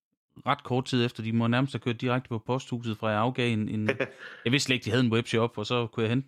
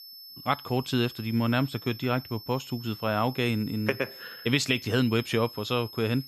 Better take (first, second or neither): first